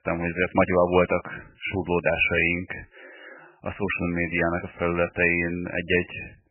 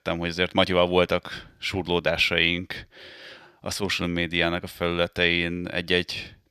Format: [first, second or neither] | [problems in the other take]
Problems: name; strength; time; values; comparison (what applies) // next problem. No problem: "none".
second | garbled, watery; badly; nothing above 2.5 kHz